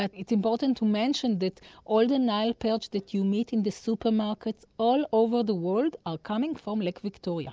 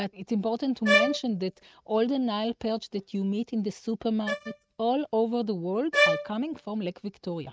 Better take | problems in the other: first | noise reduction (neural mask model RNNoise)

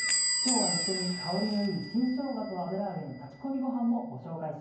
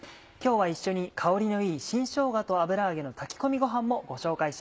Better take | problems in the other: second | background sound (Squeak / Bell); 1 dB below the speech // room echo; dies away in 0.9 s

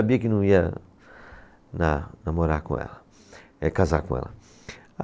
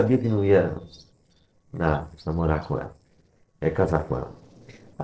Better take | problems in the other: first | noise reduction (neural separator model SepFormer DNS4)

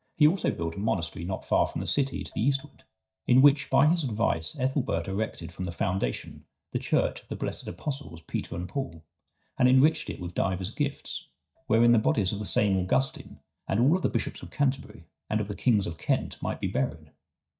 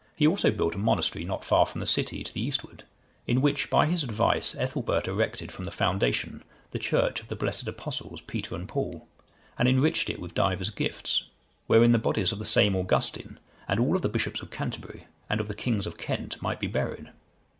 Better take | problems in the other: second | noise reduction (neural mask model DeepFilterNet 3)

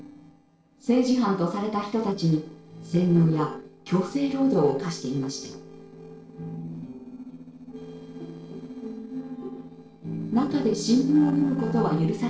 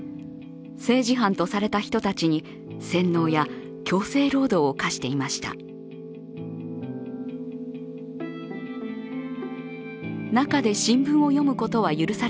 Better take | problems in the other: second | noise reduction (neural separator model SepFormer DNS4)

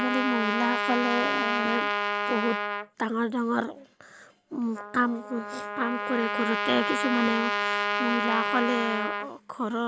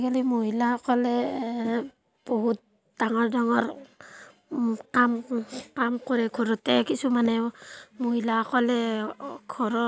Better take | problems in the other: second | background sound (Trumpet); as loud as the speech

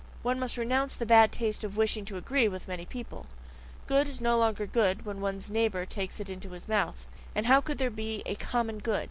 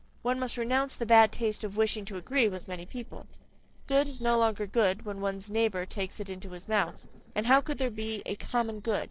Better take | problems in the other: first | noise reduction (neural separator model SepFormer DNS4)

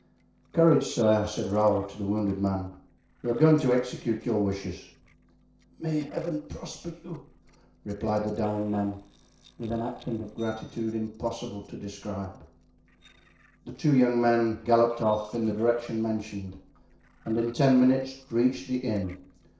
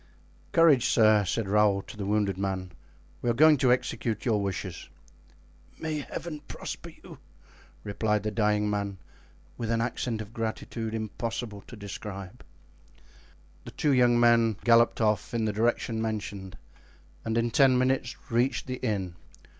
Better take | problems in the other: second | noise reduction (neural separator model SepFormer DNS4)

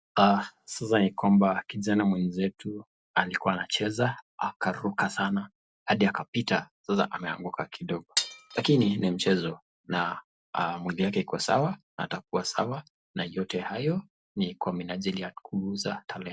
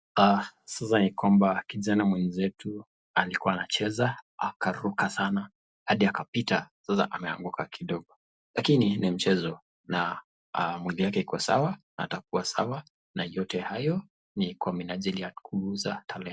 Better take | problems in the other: second | background sound (Glass); 7 dB below the speech

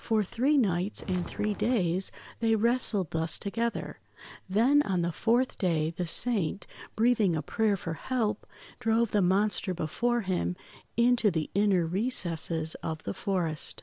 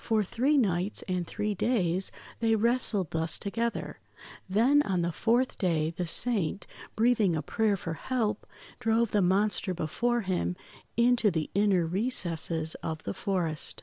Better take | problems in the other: second | background sound (Walk, footsteps); 13 dB below the speech

